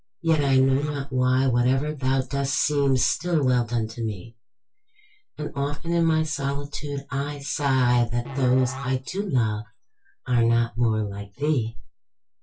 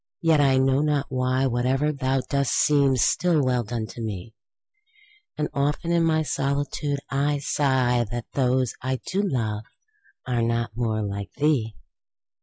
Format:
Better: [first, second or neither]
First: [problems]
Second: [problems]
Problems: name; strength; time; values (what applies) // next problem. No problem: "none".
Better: second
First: noise reduction (neural separator model SepFormer DNS4)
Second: none